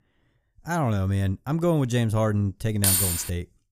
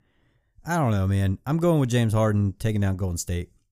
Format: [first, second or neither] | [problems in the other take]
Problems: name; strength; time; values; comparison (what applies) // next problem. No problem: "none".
second | jangling keys; loud; at 3 s; peak 5 dB above the speech